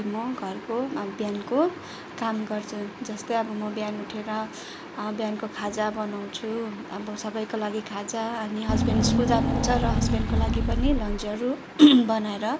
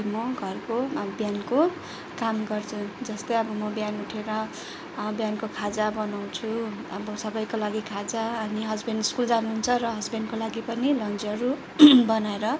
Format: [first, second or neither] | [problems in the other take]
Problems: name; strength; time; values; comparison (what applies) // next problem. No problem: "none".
second | background sound (Engine / Car); 3 dB above the speech